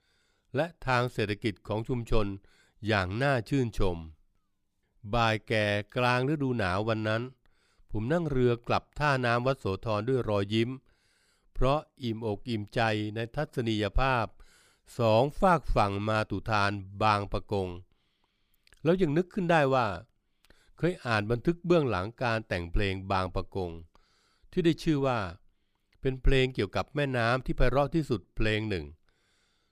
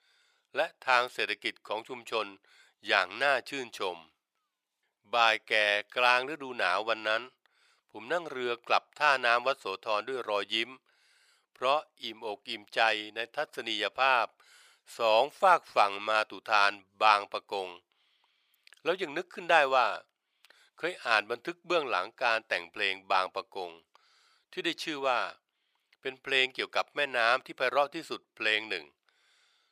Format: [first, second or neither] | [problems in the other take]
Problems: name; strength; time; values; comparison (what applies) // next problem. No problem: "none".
first | thin; very; fading below 700 Hz